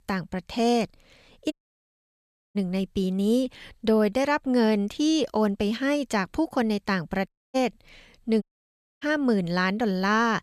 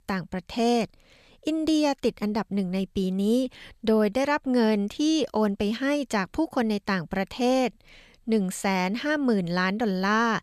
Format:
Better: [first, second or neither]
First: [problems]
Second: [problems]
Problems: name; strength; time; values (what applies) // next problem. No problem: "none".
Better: second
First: audio cutting out; at 1.5 s for 1 s, at 7.5 s and at 8.5 s for 0.5 s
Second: none